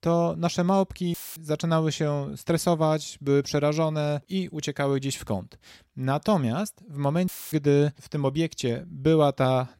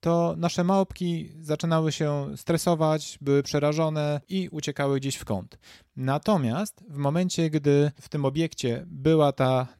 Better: second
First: audio cutting out; filled with static; at 1 s and at 7.5 s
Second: none

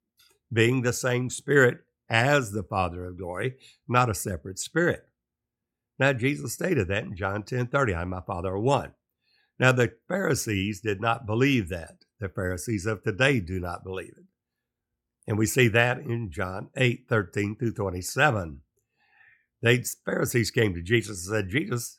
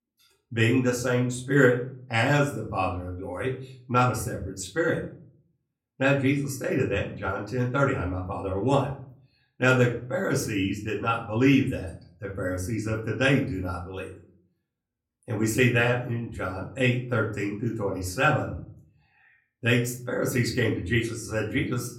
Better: first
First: none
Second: off-mic speech; far // room echo; very slight; dies away in 0.4 s

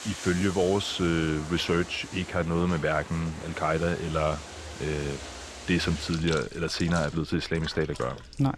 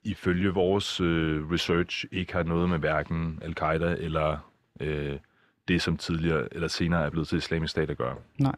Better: second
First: household noises; noticeable; throughout; 10 dB below the speech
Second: none

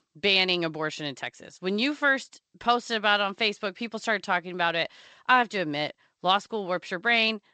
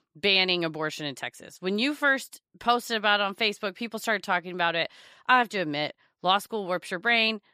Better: second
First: garbled, watery; slightly; nothing above 8 kHz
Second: none

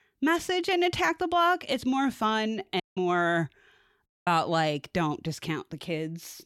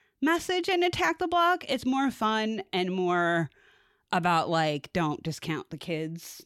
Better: second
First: audio cutting out; at 3 s and at 4 s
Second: none

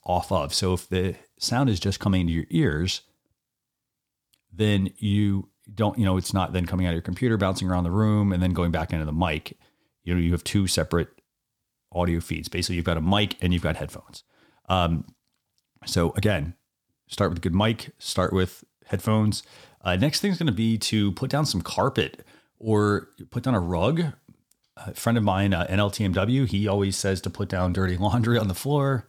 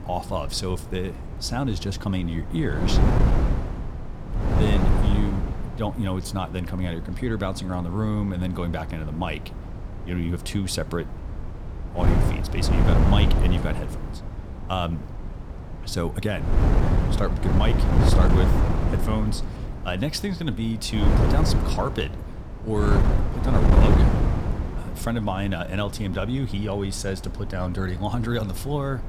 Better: first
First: none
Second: wind noise on the microphone; heavy; 1 dB below the speech

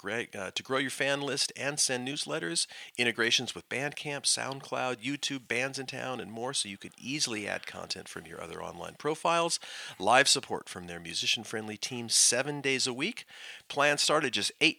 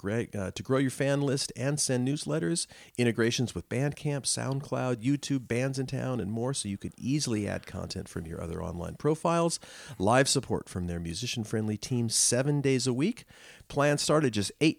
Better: second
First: thin; somewhat; fading below 600 Hz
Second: none

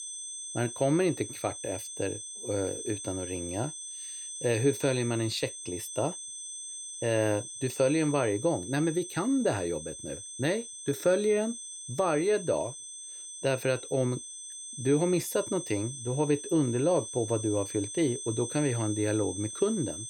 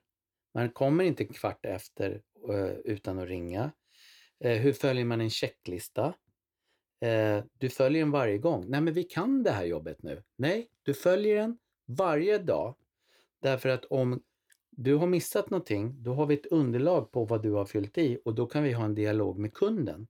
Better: second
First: high-pitched whine; loud; throughout; 8.5 kHz, 8 dB below the speech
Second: none

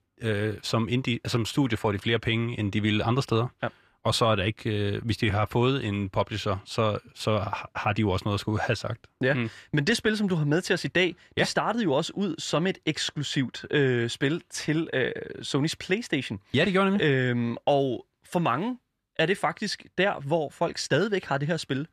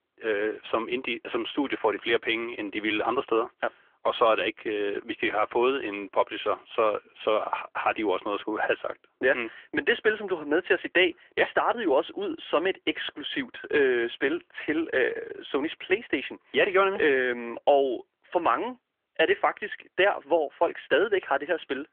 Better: first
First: none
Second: phone-call audio; nothing above 3.5 kHz

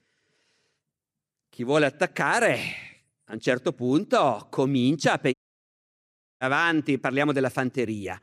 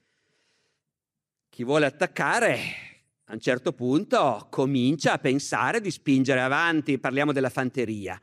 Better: second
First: audio cutting out; at 5.5 s for 1 s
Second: none

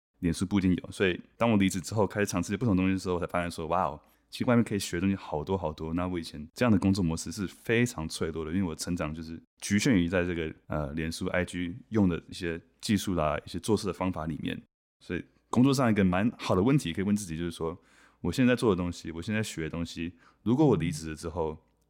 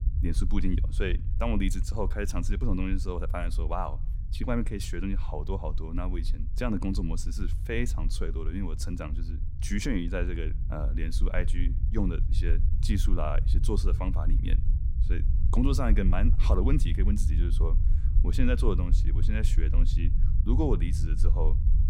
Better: first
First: none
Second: low rumble; noticeable; throughout; 10 dB below the speech

